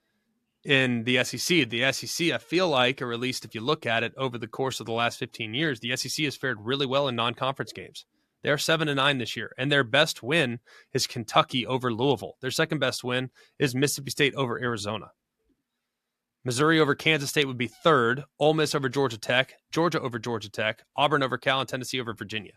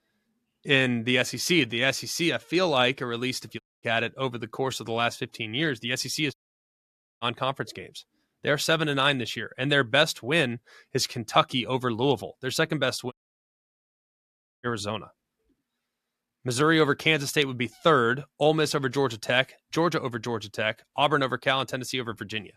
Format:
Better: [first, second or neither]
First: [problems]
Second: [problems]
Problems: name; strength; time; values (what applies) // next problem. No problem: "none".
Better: first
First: none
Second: audio cutting out; at 3.5 s, at 6.5 s for 1 s and at 13 s for 1.5 s